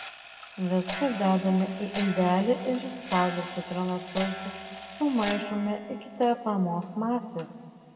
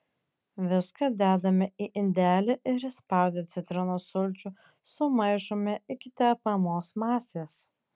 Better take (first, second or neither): second